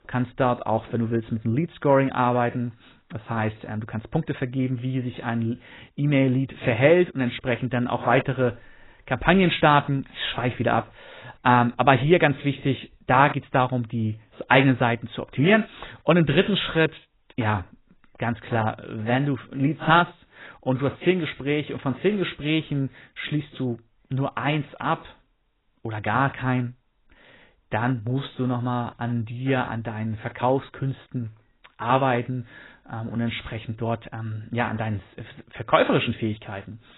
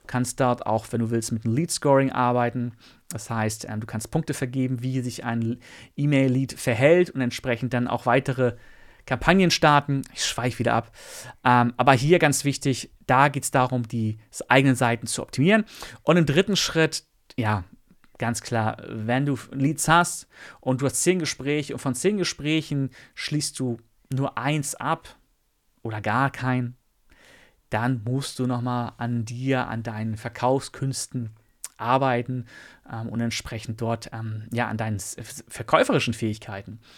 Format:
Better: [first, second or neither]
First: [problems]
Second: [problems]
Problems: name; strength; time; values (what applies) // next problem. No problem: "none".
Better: second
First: garbled, watery; badly; nothing above 4 kHz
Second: none